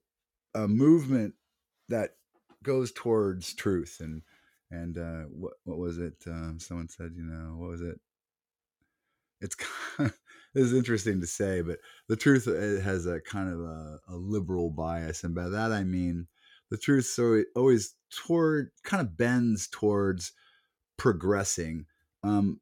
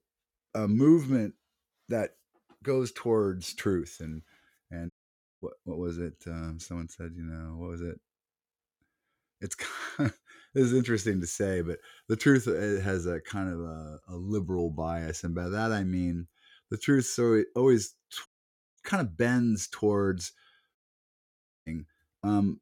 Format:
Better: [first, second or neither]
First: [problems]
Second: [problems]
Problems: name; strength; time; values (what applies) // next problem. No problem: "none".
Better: first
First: none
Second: audio cutting out; at 5 s for 0.5 s, at 18 s for 0.5 s and at 21 s for 1 s